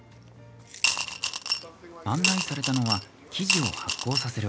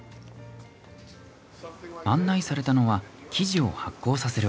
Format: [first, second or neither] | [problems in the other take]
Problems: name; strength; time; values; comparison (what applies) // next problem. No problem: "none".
second | background sound (Coin (dropping) / Glass); 2 dB above the speech